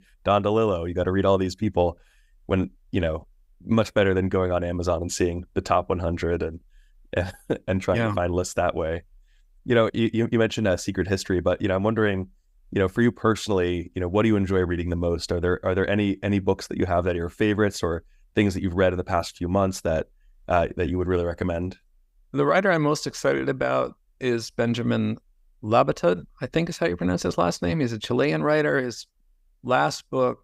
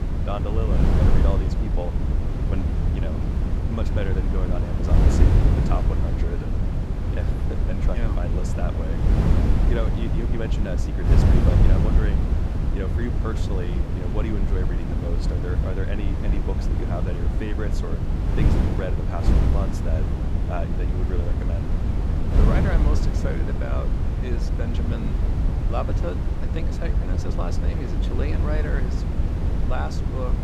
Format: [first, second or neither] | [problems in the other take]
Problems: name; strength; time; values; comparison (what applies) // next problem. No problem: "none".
first | wind noise on the microphone; heavy; as loud as the speech